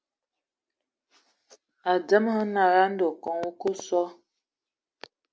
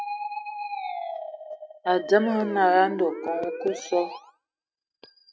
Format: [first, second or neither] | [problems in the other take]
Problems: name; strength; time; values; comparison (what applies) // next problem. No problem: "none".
first | noise reduction (neural mask model RNNoise)